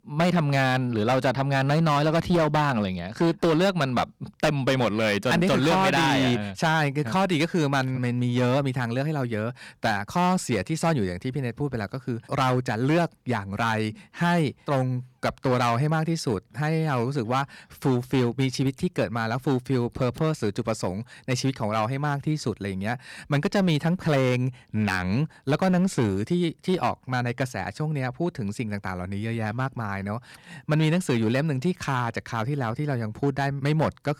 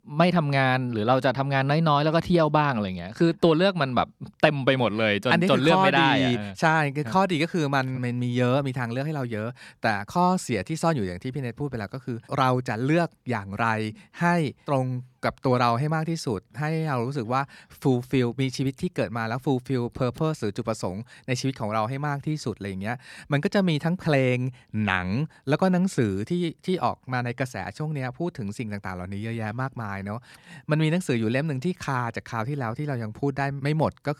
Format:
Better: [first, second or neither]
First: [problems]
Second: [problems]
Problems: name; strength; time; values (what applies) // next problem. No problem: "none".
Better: second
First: distortion; slight; 9% of the sound clipped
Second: none